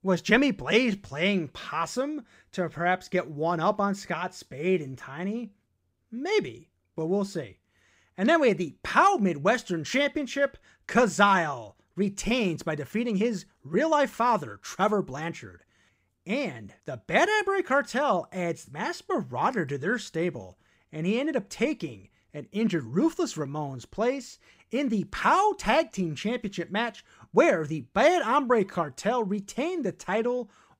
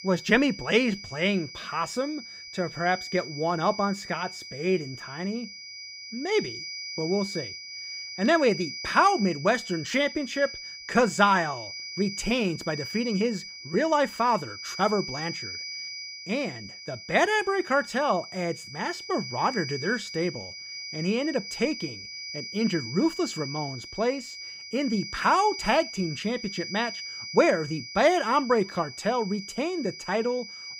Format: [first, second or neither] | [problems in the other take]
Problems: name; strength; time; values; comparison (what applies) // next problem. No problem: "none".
first | high-pitched whine; loud; throughout; 5 kHz, 10 dB below the speech